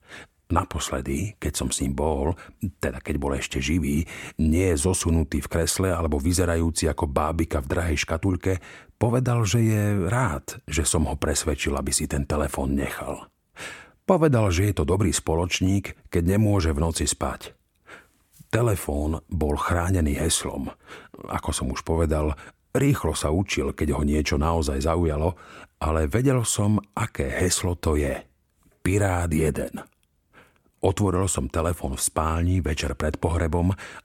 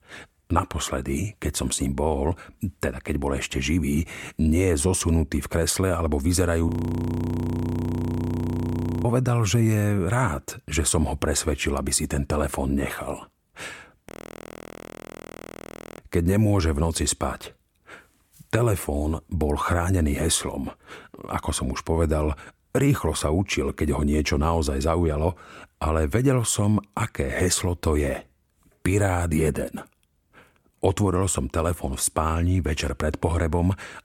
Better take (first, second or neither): first